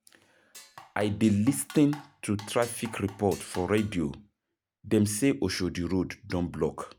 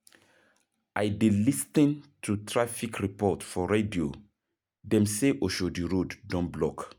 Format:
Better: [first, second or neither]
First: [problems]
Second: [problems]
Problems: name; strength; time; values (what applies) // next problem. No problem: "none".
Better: second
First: background sound (Drum kit); 19 dB below the speech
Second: none